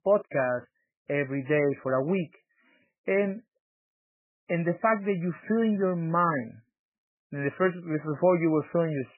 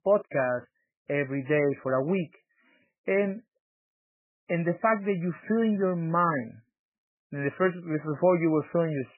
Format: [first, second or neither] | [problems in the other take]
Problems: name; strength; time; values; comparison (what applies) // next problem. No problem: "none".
neither | garbled, watery; badly; nothing above 3 kHz; the same in both